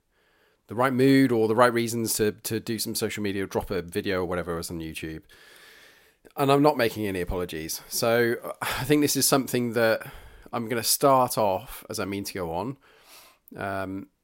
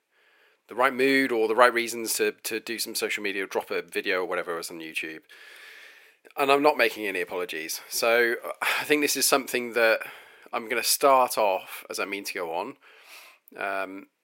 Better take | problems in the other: first | thin; somewhat; fading below 400 Hz

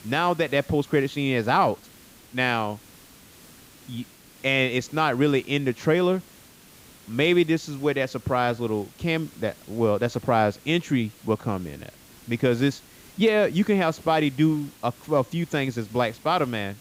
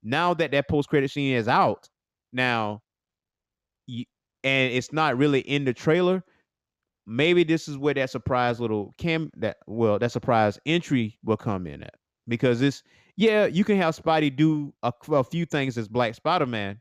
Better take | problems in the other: second | hiss; faint; throughout; 25 dB below the speech

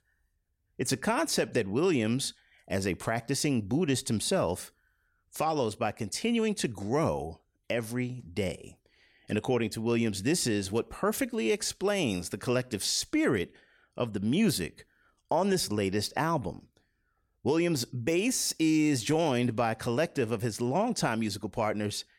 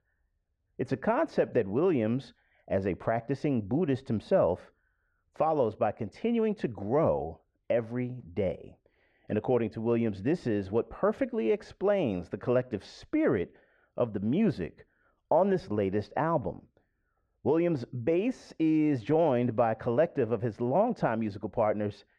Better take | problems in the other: first | muffled; very; fading above 1.5 kHz

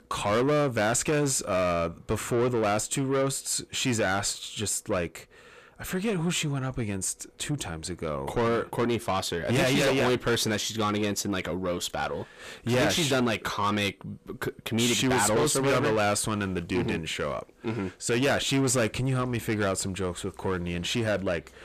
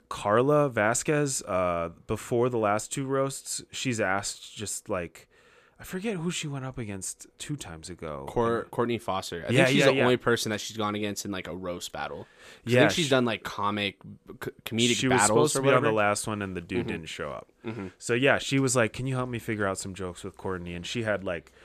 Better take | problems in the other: second | distortion; heavy; 7 dB below the speech

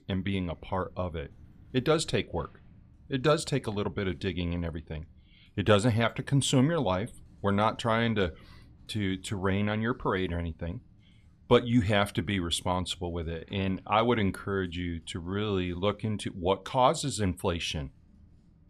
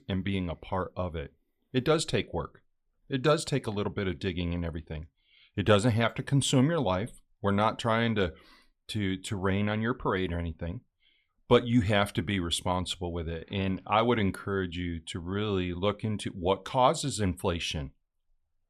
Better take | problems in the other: second | household noises; faint; throughout; 30 dB below the speech

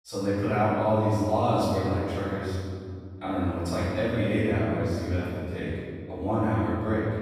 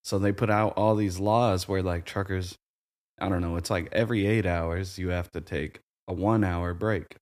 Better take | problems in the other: second | off-mic speech; far // room echo; strong; dies away in 2.3 s

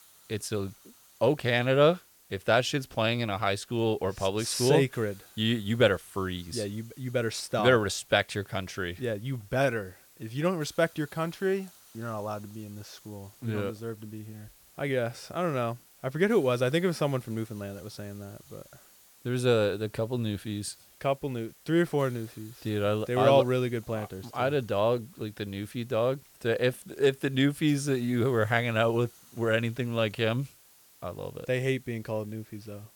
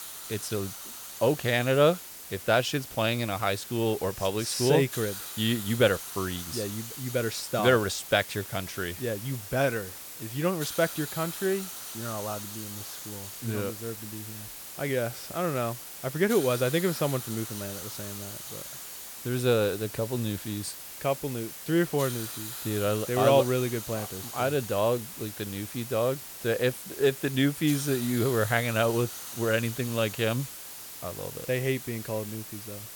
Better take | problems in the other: first | hiss; loud; throughout; 9 dB below the speech; faint in the first

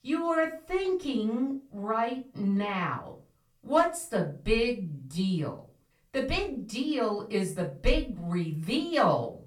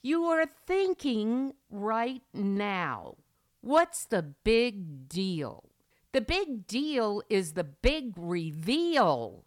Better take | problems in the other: second | off-mic speech; far // room echo; slight; dies away in 0.3 s

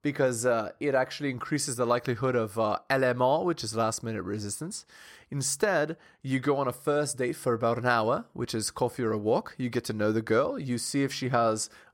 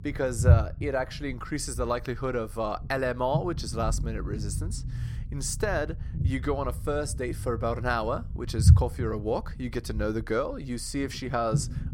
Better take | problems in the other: first | low rumble; noticeable; throughout; 15 dB below the speech

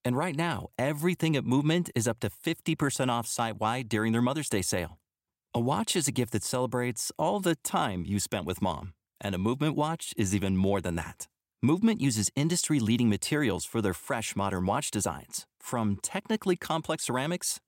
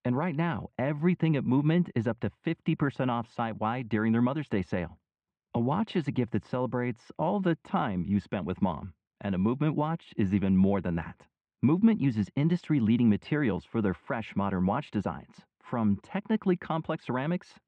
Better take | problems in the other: first | muffled; very; fading above 2.5 kHz

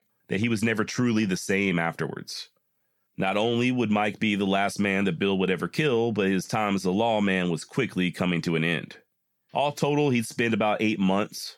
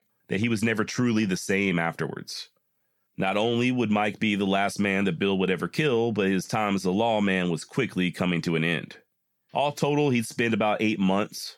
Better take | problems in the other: neither | none

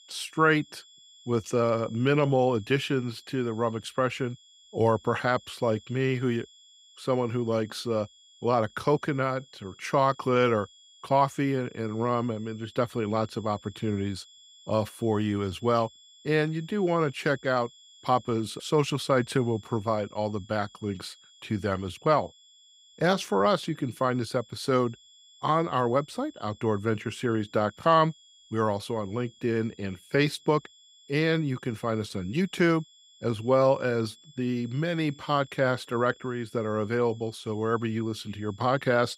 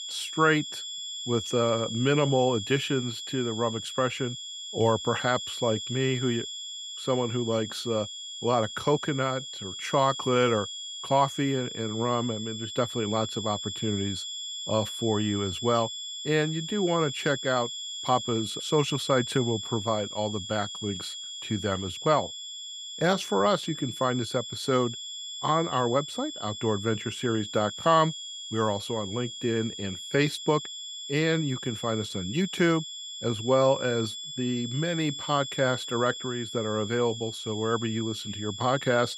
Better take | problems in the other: first | high-pitched whine; loud; throughout; 3.5 kHz, 7 dB below the speech; faint in the first

